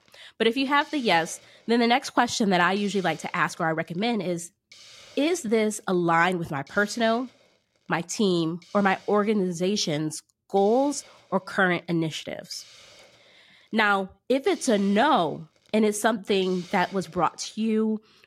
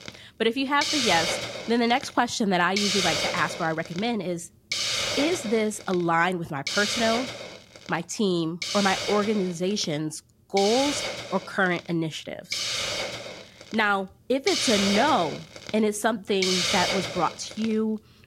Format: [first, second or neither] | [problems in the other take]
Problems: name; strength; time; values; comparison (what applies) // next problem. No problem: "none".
first | hiss; loud; throughout; 1 dB below the speech; faint in the first